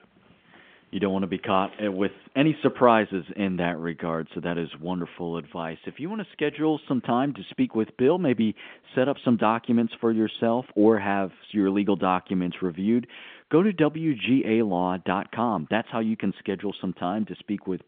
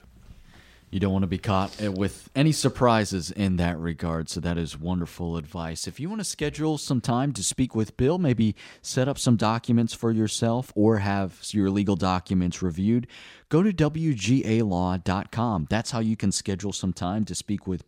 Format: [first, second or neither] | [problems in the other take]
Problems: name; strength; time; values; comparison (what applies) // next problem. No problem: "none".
second | phone-call audio; nothing above 3.5 kHz